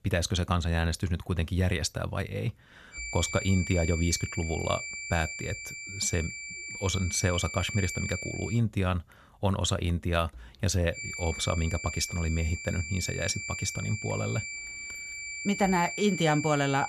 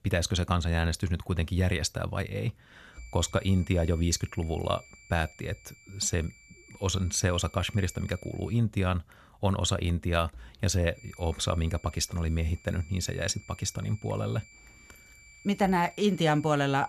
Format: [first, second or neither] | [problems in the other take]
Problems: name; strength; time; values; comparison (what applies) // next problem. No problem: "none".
second | high-pitched whine; loud; from 3 to 8.5 s and from 11 s on; 2.5 kHz, 6 dB below the speech; faint in the second